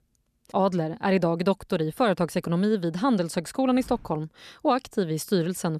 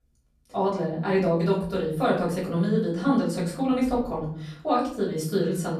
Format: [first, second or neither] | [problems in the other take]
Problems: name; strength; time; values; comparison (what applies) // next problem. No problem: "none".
first | off-mic speech; far // room echo; slight; dies away in 0.7 s